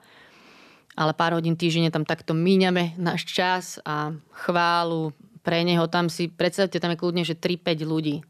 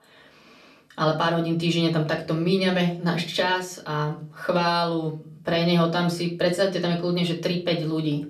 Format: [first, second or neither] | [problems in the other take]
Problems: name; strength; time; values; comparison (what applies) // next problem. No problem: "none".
first | off-mic speech; far // room echo; very slight; dies away in 0.3 s